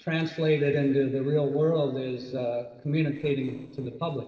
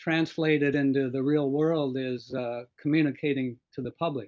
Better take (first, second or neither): second